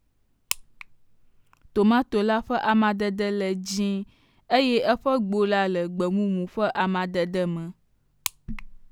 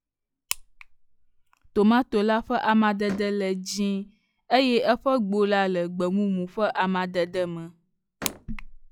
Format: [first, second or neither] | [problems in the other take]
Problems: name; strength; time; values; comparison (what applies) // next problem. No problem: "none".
first | noise reduction (classical method log-MMSE)